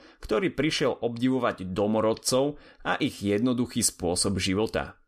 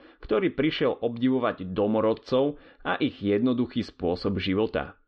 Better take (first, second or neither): first